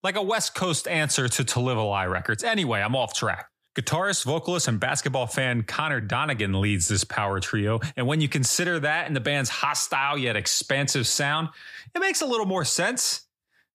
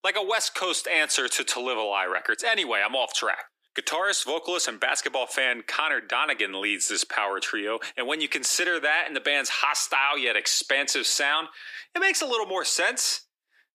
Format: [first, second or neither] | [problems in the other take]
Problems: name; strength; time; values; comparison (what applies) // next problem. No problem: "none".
first | thin; very; fading below 300 Hz